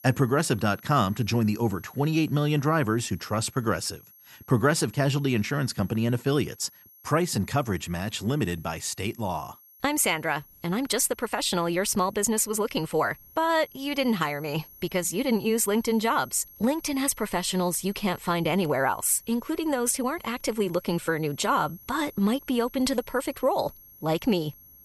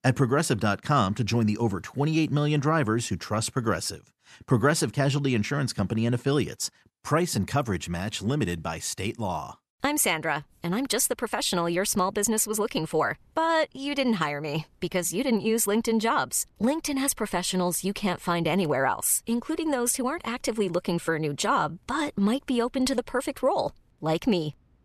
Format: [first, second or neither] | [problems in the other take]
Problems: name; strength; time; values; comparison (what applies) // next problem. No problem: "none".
second | high-pitched whine; faint; throughout; 11.5 kHz, 25 dB below the speech